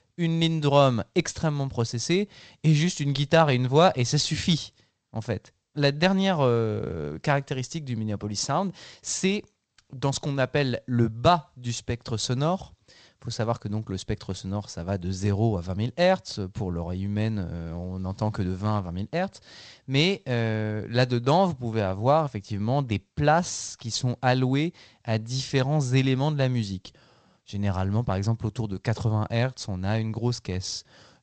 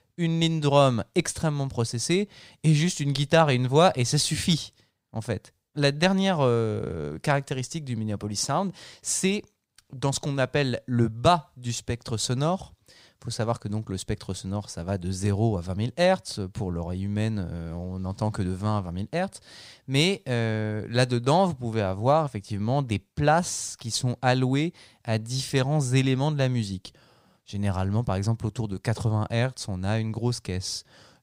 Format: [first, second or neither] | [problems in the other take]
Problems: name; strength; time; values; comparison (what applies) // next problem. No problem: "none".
second | garbled, watery; slightly; nothing above 8 kHz